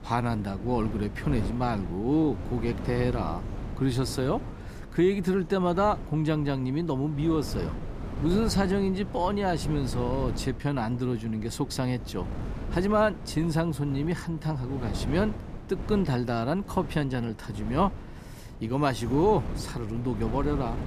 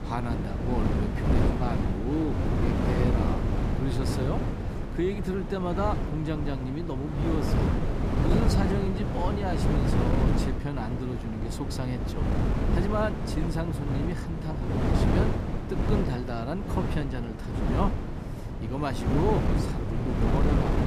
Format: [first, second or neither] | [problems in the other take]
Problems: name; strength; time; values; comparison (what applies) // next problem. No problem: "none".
first | wind noise on the microphone; heavy; as loud as the speech; occasional gusts in the first